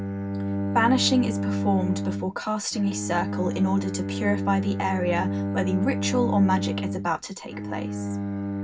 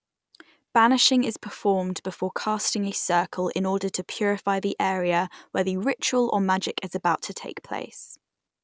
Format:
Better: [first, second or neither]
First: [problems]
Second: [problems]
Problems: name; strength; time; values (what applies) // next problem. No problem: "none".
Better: second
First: background sound (Bowed string instrument); 2 dB below the speech // room echo; dies away in 0.4 s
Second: none